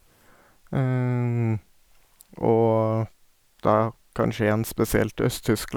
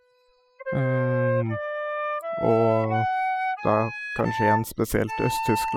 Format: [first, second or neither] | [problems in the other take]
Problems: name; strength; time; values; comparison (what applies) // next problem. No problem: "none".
first | noise reduction (classical method spectral subtraction)